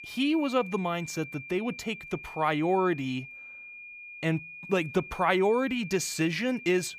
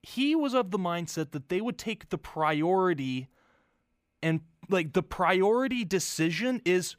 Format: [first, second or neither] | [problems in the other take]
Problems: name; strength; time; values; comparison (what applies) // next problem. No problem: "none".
second | high-pitched whine; noticeable; throughout; 2.5 kHz, 15 dB below the speech